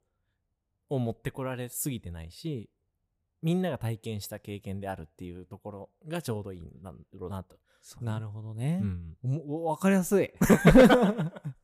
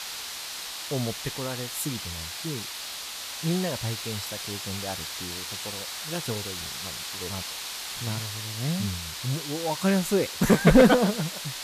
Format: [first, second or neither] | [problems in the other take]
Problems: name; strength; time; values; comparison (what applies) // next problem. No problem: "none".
first | hiss; loud; throughout; 7 dB below the speech